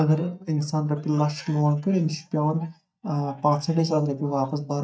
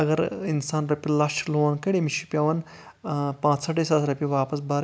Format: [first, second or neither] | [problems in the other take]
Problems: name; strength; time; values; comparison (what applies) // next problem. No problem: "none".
second | noise reduction (neural mask model DeepFilterNet 3)